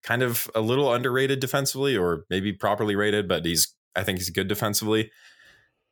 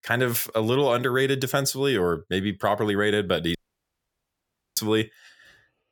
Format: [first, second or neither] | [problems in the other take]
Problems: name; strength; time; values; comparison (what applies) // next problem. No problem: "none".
first | audio cutting out; at 3.5 s for 1 s